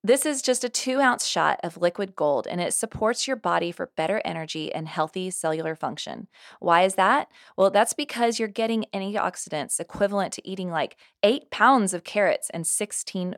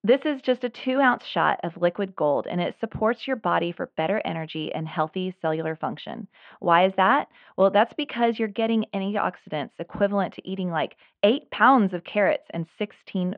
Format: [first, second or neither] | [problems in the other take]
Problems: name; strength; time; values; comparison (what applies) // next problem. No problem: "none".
first | muffled; very; fading above 3 kHz